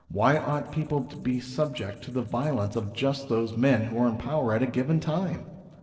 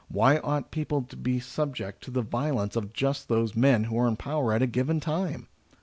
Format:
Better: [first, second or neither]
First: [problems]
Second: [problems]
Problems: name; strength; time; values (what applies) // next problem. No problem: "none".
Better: second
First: noise reduction (neural separator model SepFormer DNS4)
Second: none